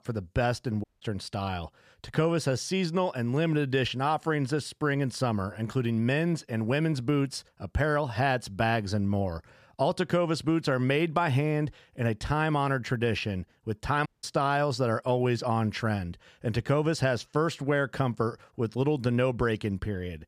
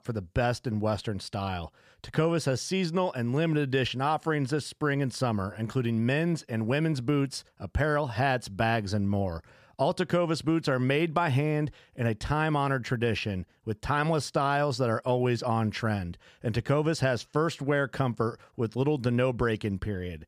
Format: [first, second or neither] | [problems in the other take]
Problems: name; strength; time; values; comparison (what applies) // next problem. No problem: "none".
second | audio cutting out; at 1 s and at 14 s